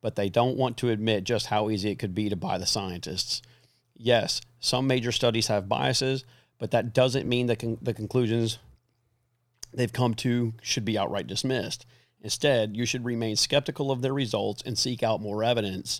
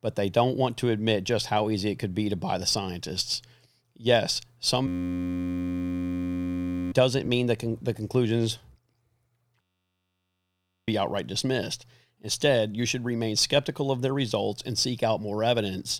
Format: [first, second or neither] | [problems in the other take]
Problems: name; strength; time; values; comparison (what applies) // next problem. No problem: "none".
first | audio freezing; at 5 s for 2 s and at 9.5 s for 1.5 s